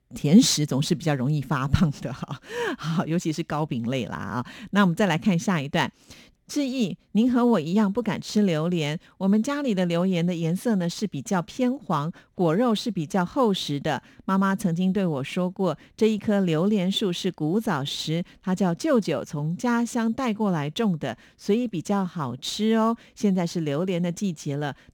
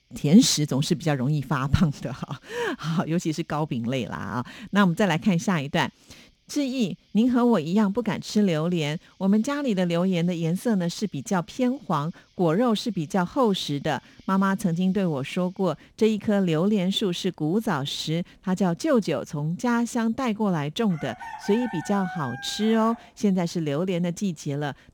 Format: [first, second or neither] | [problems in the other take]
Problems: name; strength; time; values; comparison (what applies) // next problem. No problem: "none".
first | animal sounds; noticeable; throughout; 15 dB below the speech